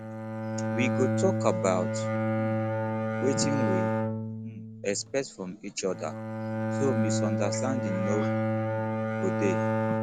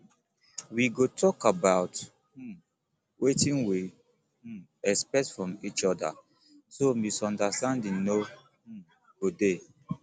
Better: second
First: background sound (Bowed string instrument); 4 dB above the speech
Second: none

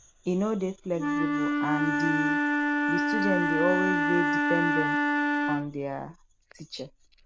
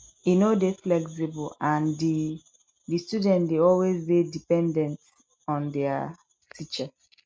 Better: second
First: background sound (Wind instrument, woodwind instrument); 4 dB above the speech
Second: none

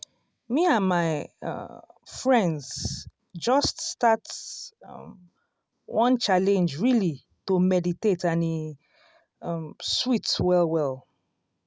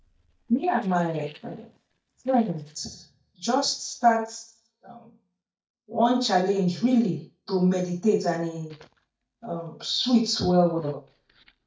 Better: first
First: none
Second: noise reduction (neural mask model DeepFilterNet 3)

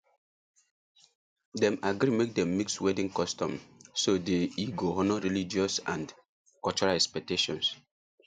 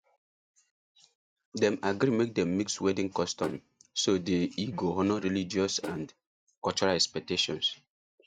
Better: first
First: none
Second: noise reduction (neural mask model RNNoise)

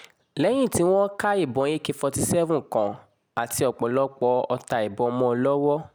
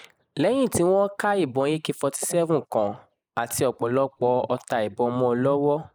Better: first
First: none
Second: noise reduction (neural mask model Resemble Enhance denoiser)

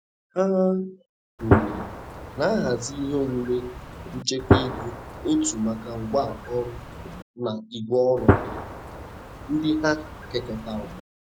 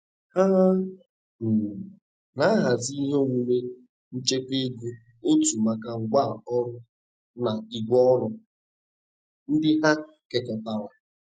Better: second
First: background sound (Gunshot, gunfire); 1 dB below the speech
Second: none

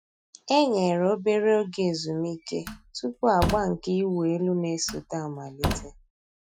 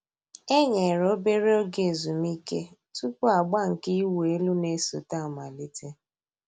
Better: second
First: noise reduction (classical method Wiener filter)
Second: none

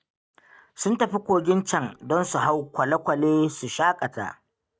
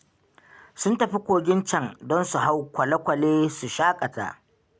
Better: second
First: noise reduction (neural mask model DeepFilterNet 3)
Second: none

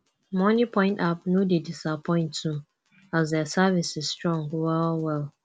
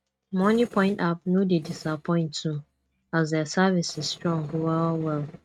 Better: first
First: none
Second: noise reduction (neural mask model RNNoise)

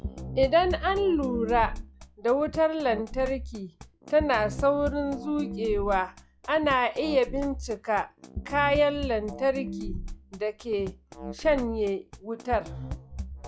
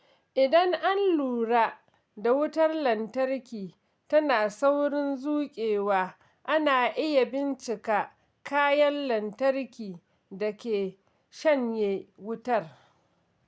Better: second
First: noise reduction (classical method log-MMSE)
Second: none

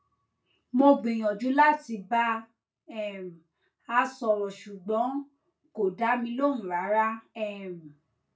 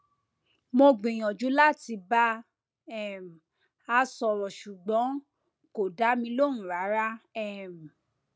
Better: second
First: room echo; dies away in 0.2 s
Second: none

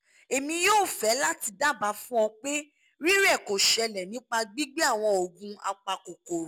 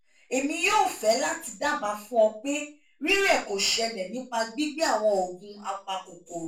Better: first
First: none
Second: room echo; dies away in 0.3 s

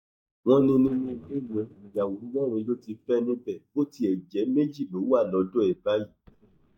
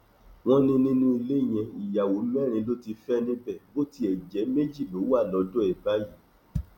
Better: second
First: noise reduction (neural mask model DeepFilterNet 3)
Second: none

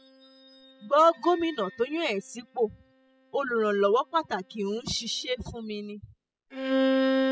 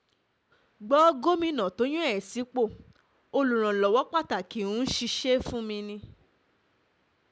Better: second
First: noise reduction (classical method spectral subtraction)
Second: none

